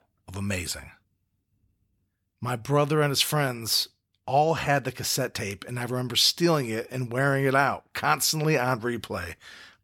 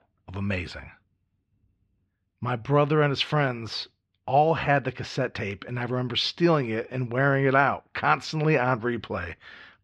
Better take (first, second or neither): first